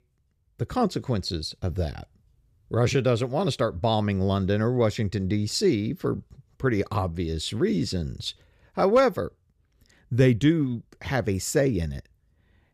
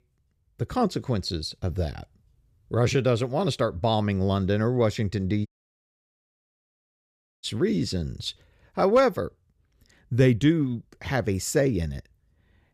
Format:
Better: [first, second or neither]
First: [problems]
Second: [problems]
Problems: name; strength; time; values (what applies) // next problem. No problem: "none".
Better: first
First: none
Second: audio cutting out; at 5.5 s for 2 s